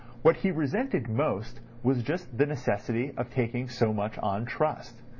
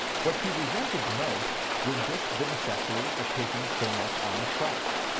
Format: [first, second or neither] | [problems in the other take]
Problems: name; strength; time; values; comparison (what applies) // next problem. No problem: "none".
first | background sound (Rain); 5 dB above the speech